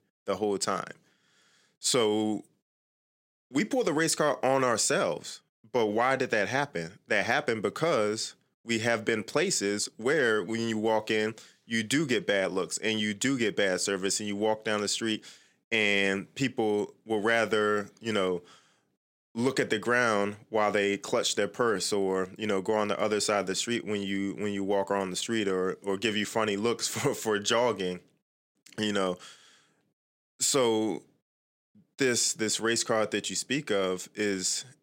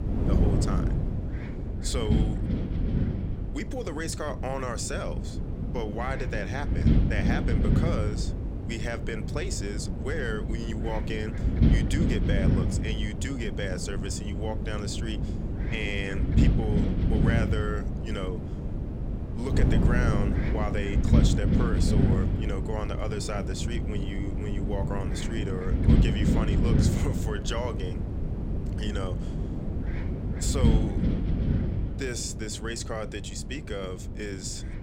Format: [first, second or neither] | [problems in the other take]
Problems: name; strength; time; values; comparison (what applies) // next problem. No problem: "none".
first | wind noise on the microphone; heavy; 2 dB below the speech